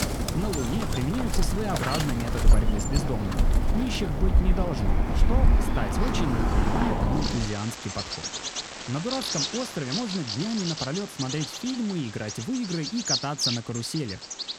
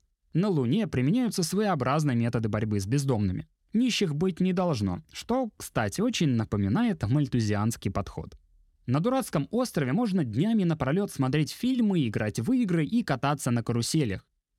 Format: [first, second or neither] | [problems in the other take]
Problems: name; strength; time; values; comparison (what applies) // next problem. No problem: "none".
second | animal sounds; very loud; throughout; 3 dB above the speech